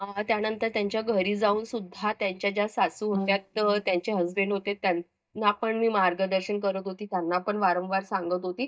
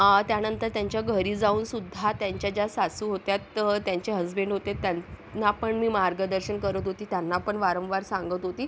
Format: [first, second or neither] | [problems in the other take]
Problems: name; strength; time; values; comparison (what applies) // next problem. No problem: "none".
second | noise reduction (neural mask model DeepFilterNet 3)